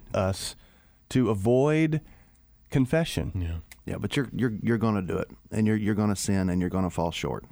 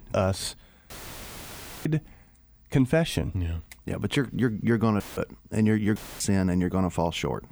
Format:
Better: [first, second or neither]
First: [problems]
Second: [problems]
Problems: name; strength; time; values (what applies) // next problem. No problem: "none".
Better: first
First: none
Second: audio cutting out; filled with static; at 1 s for 1 s, at 5 s and at 6 s